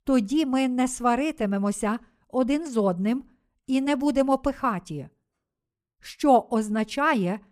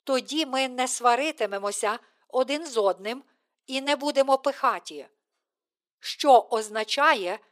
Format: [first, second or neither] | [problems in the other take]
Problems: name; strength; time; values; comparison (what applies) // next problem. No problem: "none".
first | thin; somewhat; fading below 400 Hz